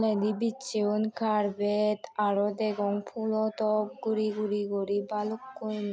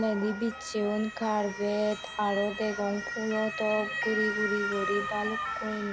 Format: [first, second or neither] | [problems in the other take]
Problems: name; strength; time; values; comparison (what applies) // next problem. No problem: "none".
first | background sound (Motor vehicle (road) / Siren); 5 dB below the speech